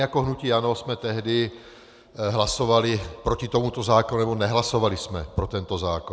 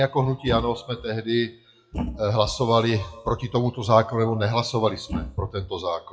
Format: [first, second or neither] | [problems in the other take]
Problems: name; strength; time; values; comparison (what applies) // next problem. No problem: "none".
first | noise reduction (classical method WPE with log-MMSE)